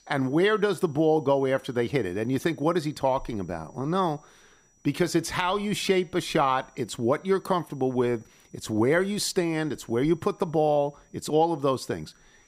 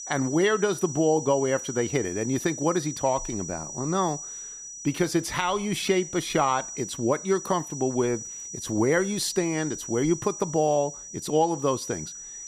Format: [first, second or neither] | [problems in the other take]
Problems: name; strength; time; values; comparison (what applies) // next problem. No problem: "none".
first | high-pitched whine; loud; throughout; 6 kHz, 9 dB below the speech; faint in the first